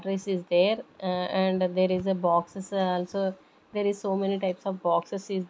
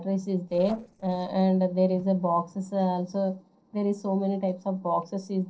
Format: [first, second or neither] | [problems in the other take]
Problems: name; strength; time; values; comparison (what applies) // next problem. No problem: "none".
first | noise reduction (neural separator model SepFormer DNS4)